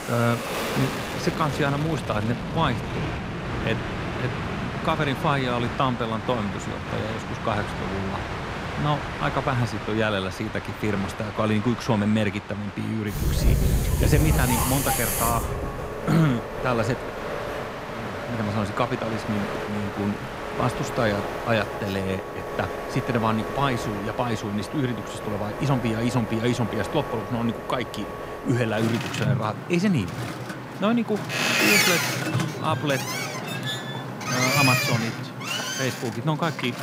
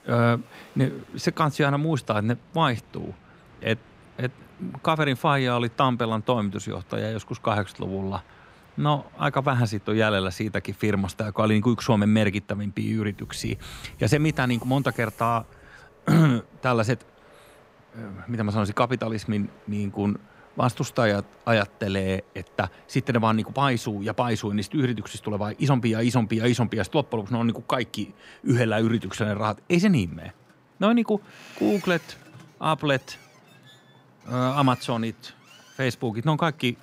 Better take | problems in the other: second | train or aircraft noise; loud; throughout; 2 dB below the speech; faint in the second

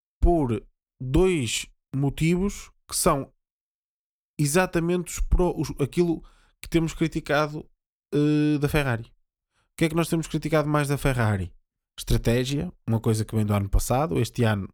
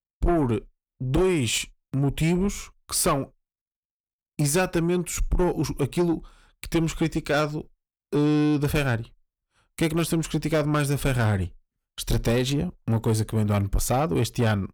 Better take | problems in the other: first | distortion; slight; 10 dB below the speech

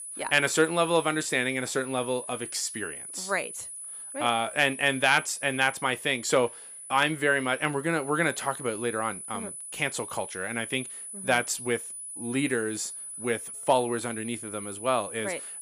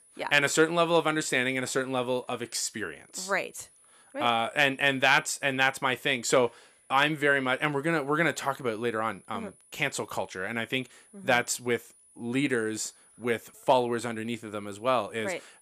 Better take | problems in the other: second | high-pitched whine; loud; throughout; 10 kHz, 10 dB below the speech; faint in the second

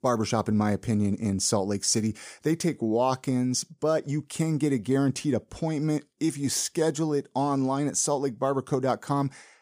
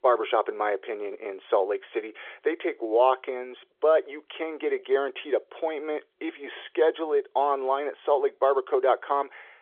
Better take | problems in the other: first | phone-call audio; nothing above 3.5 kHz

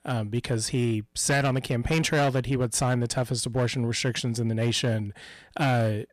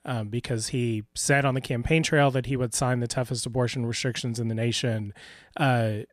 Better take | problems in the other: second | distortion; slight; 8% of the sound clipped

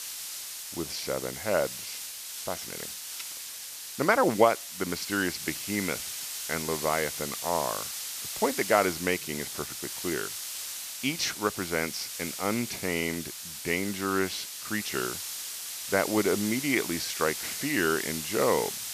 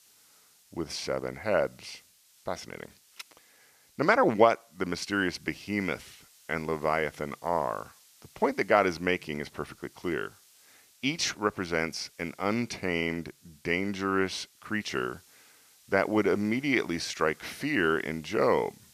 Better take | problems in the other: second | hiss; loud; throughout; 5 dB below the speech; faint in the second

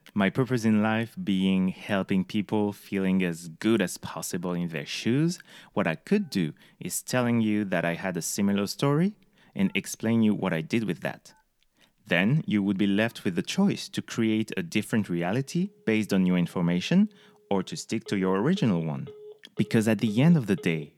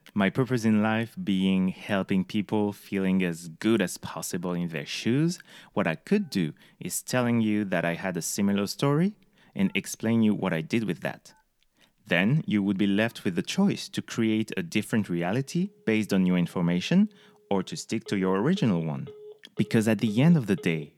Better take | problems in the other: neither | alarms or sirens; faint; throughout; 25 dB below the speech; the same in both

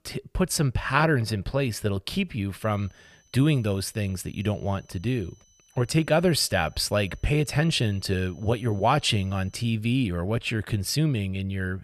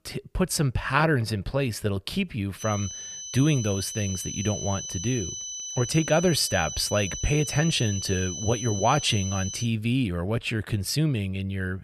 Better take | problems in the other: first | high-pitched whine; loud; from 2.5 to 9.5 s; 6 kHz, 7 dB below the speech; faint in the first

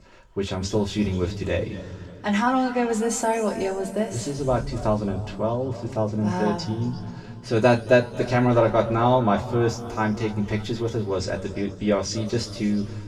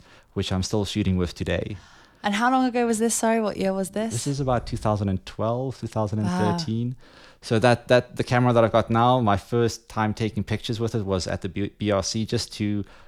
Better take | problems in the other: second | room echo; noticeable; dies away in 2.3 s // off-mic speech; far

